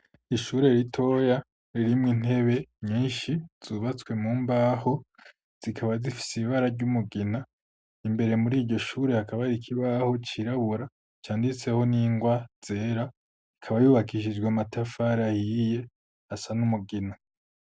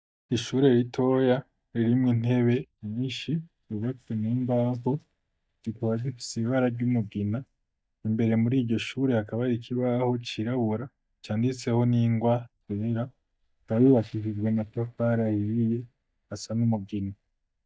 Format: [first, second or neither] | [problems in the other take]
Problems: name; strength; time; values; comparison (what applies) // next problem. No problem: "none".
first | noise reduction (neural mask model DeepFilterNet 3)